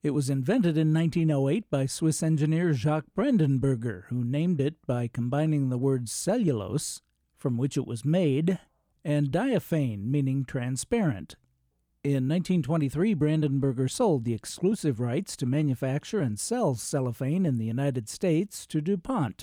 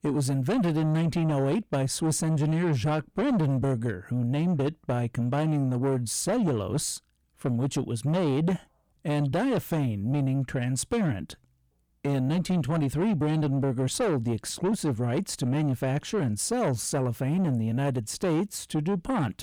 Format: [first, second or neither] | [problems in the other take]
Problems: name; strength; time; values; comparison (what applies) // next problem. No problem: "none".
first | distortion; slight; 10 dB below the speech